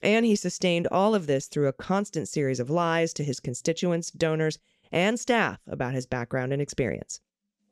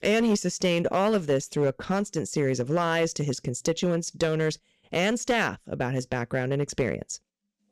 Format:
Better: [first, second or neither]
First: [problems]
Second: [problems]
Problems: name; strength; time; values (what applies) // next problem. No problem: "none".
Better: first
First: none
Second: distortion; slight; 5% of the sound clipped